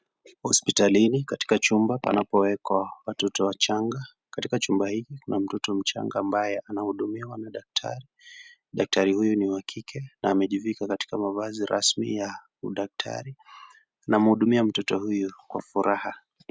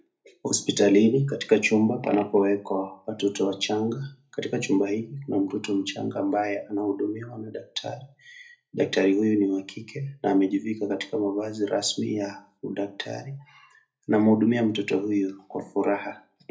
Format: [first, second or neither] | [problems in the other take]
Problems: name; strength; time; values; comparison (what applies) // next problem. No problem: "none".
first | room echo; dies away in 0.3 s